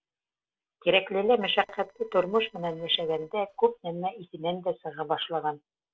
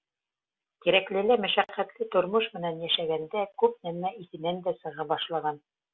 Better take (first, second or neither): second